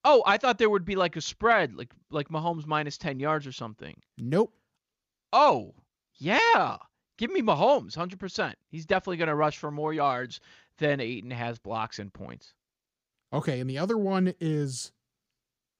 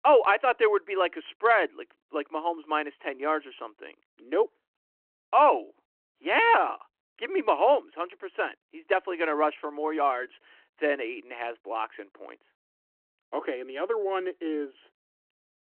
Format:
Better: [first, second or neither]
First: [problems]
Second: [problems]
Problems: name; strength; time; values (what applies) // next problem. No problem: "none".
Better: first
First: none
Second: phone-call audio